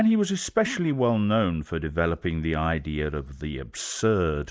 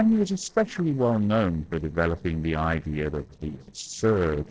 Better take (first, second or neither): first